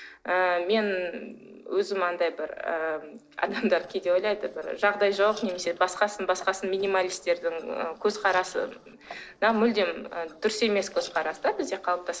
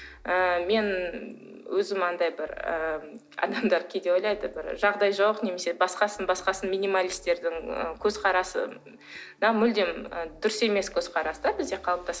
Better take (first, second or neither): second